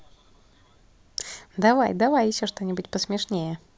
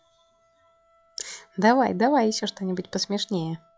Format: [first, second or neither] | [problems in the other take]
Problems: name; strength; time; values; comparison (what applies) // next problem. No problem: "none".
first | noise reduction (classical method log-MMSE)